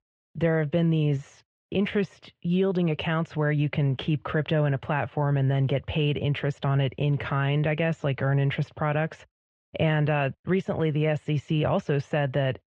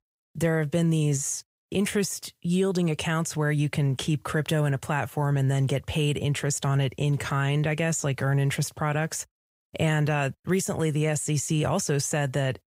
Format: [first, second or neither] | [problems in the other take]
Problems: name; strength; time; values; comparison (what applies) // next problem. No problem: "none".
second | muffled; very; fading above 3 kHz